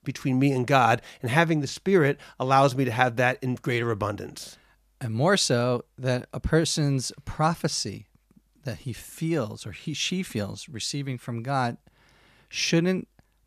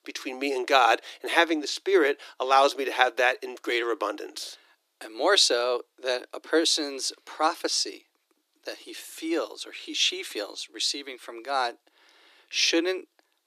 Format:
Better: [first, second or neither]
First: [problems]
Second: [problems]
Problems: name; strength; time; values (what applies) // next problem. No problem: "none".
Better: first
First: none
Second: thin; very; fading below 300 Hz